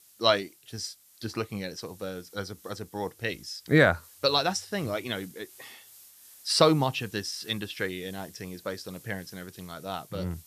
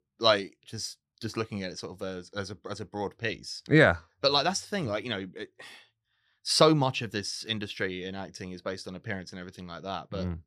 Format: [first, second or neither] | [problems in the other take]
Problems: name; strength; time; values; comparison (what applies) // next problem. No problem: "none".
second | hiss; faint; throughout; 20 dB below the speech